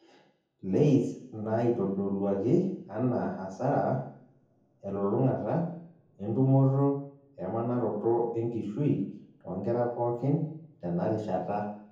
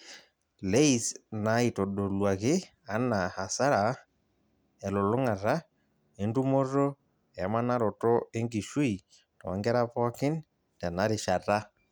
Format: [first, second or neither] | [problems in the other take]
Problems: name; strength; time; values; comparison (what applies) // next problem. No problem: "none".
second | room echo; dies away in 0.7 s